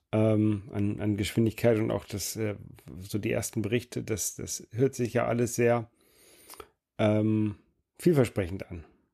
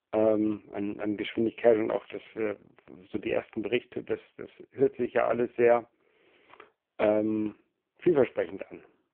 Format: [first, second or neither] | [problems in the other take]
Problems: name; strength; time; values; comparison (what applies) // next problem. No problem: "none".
first | phone-call audio; poor line